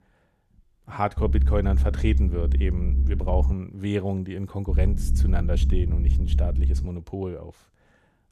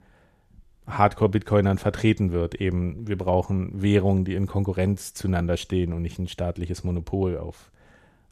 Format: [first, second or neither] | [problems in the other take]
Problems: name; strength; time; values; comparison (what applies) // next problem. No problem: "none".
second | low rumble; loud; from 1 to 3.5 s and from 4.5 to 7 s; 9 dB below the speech